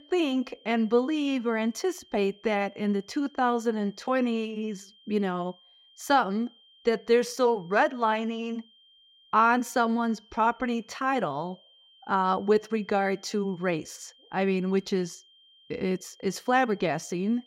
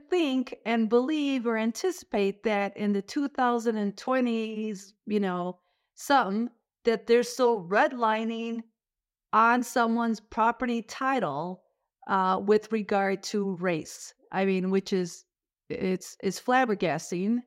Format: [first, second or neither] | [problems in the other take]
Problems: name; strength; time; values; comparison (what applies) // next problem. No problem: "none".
second | high-pitched whine; faint; throughout; 3 kHz, 30 dB below the speech